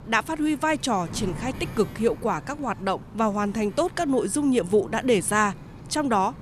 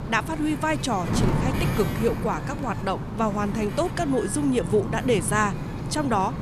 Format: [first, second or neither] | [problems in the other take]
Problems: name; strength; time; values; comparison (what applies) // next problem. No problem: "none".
first | wind noise on the microphone; heavy; 8 dB below the speech; occasional gusts in the first